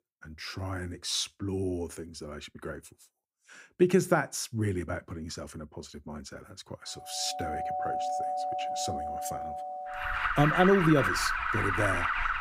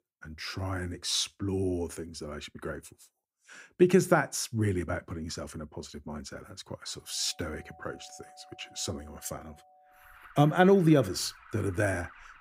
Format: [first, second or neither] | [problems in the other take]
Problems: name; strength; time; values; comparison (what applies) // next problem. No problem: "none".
second | alarms or sirens; loud; from 7.5 s on; 1 dB below the speech; faint in the second